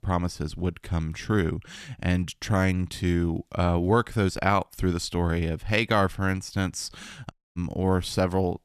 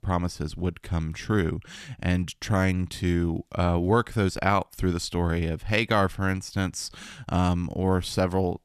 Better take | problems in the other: second | audio cutting out; at 7.5 s

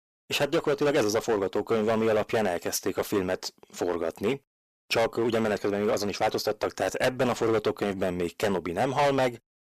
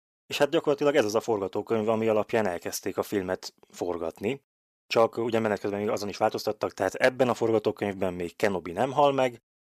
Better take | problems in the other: second | distortion; heavy; 10% of the sound clipped

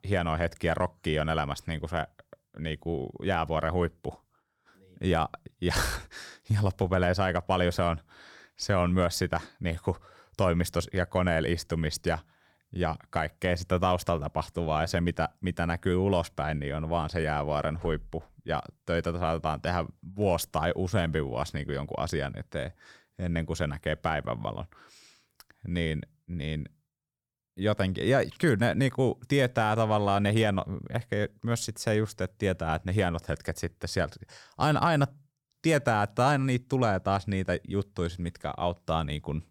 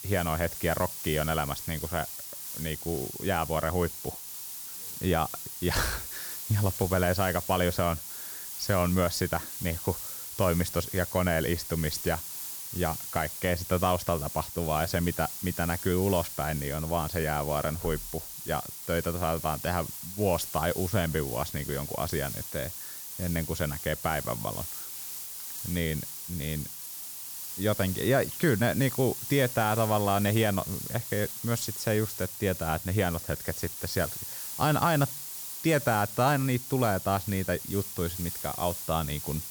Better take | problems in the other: first | hiss; loud; throughout; 6 dB below the speech

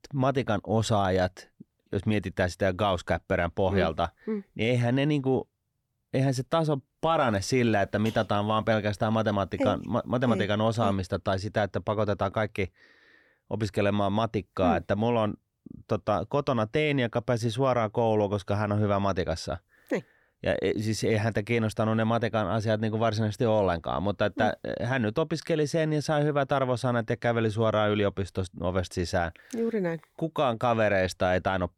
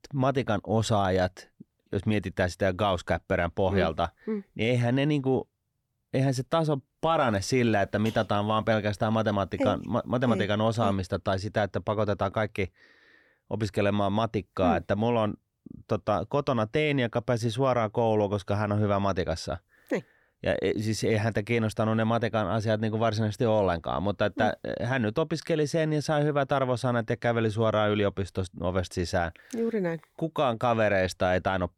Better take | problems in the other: neither | none

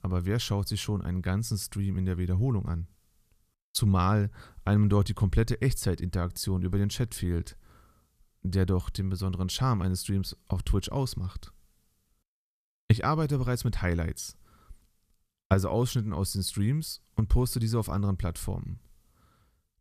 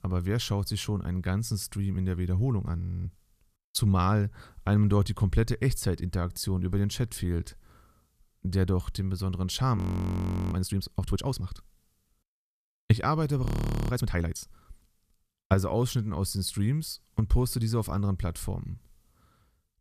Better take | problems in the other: first | audio freezing; at 3 s, at 10 s for 0.5 s and at 13 s

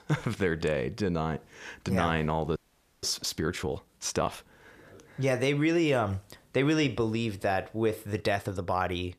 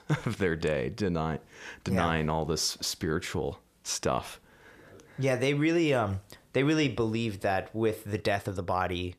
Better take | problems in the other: second | audio freezing; at 2.5 s

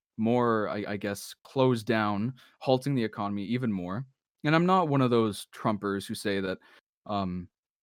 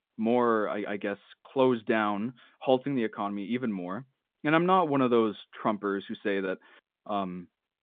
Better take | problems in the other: first | phone-call audio; nothing above 3.5 kHz

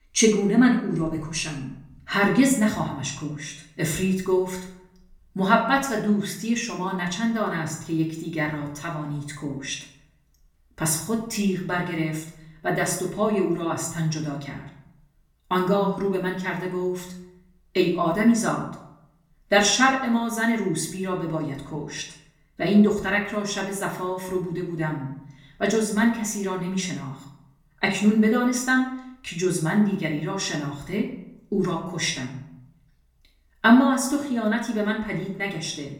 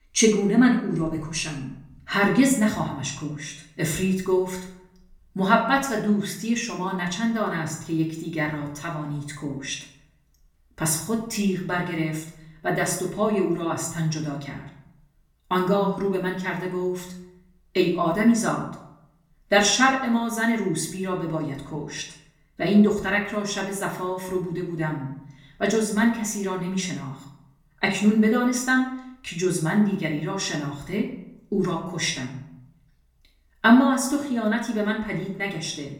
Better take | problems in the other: neither | room echo; slight; dies away in 0.6 s; the same in both // off-mic speech; far; the same in both

